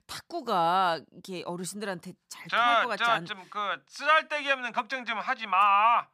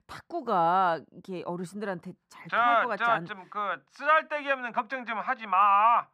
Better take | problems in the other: first | muffled; slightly; fading above 2.5 kHz

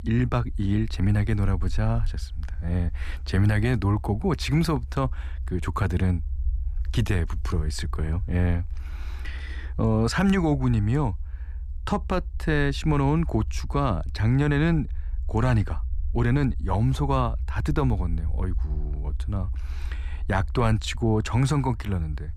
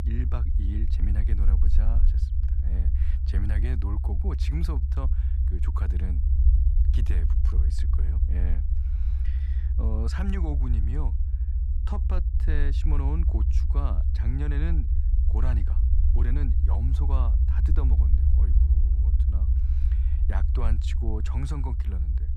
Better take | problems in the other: first | low rumble; loud; throughout; 3 dB below the speech; faint in the first

